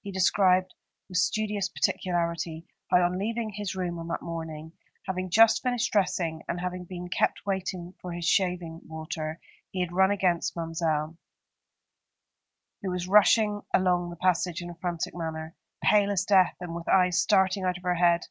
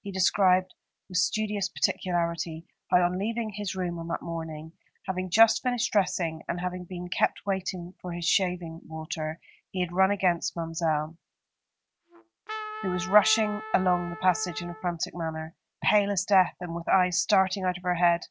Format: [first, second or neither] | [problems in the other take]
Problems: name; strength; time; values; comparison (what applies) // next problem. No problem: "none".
first | background sound (Trumpet); 12 dB below the speech